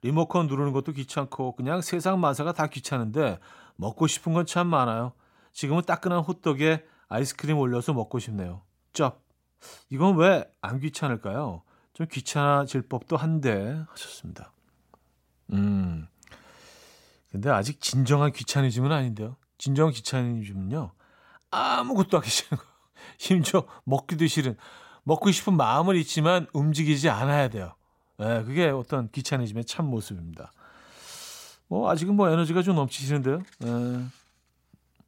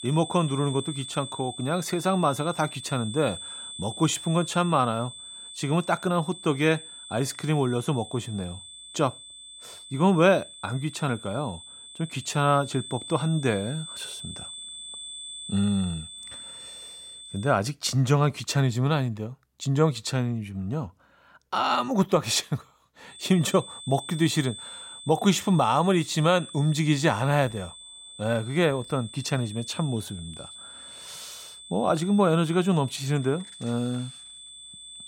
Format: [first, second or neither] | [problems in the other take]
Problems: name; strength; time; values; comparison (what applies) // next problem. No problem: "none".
first | high-pitched whine; noticeable; until 18 s and from 23 s on; 3.5 kHz, 15 dB below the speech